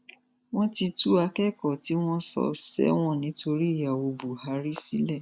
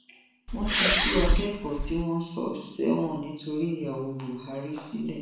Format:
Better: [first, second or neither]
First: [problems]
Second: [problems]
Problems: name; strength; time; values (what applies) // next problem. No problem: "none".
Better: first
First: none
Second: background sound (Respiratory sounds); 5 dB above the speech // room echo; dies away in 0.7 s